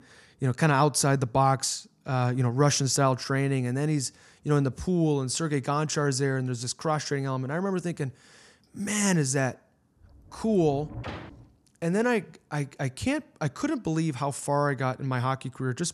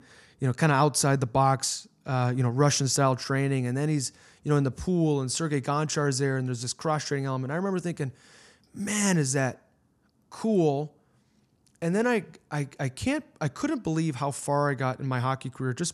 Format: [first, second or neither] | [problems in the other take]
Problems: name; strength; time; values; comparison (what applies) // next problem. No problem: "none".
second | door banging; faint; from 10 to 11 s; peak 10 dB below the speech